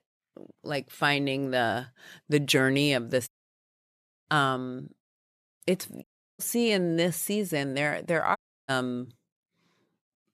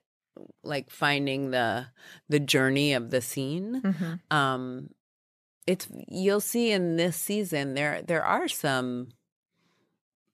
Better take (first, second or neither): second